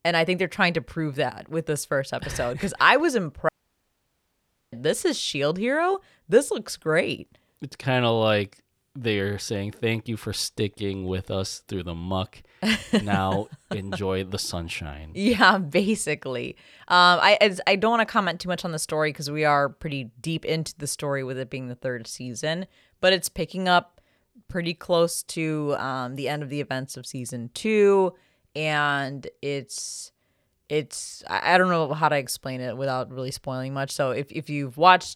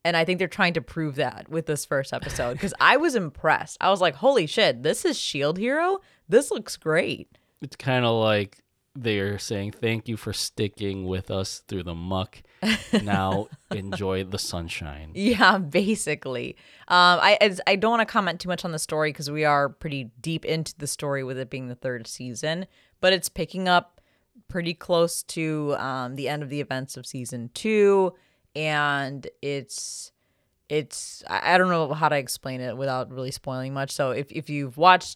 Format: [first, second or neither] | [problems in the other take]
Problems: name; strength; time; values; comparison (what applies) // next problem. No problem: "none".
second | audio cutting out; at 3.5 s for 1 s